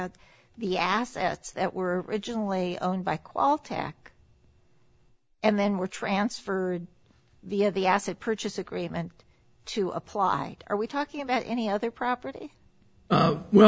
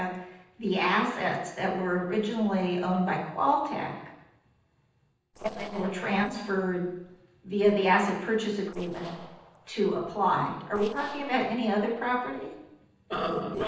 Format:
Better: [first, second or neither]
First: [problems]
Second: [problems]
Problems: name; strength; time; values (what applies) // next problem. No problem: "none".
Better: first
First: none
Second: noise reduction (neural separator model SepFormer DNS4)